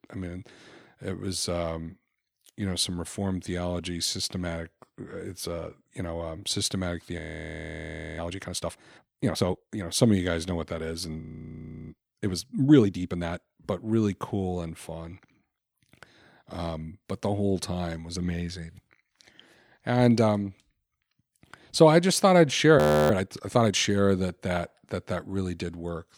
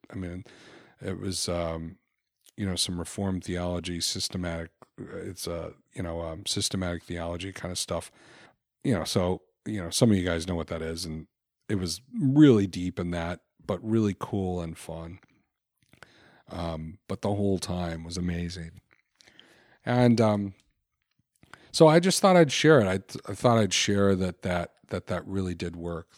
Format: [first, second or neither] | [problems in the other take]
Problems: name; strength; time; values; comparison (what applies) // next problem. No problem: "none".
second | audio freezing; at 7 s for 1 s, at 11 s for 0.5 s and at 23 s